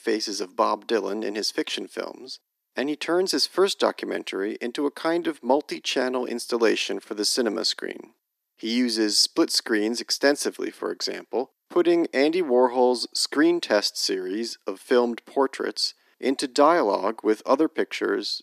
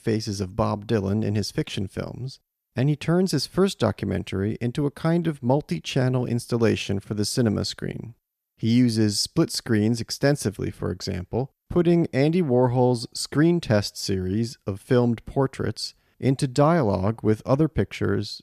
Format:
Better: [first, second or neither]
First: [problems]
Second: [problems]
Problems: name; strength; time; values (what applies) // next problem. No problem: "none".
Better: second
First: thin; somewhat; fading below 250 Hz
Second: none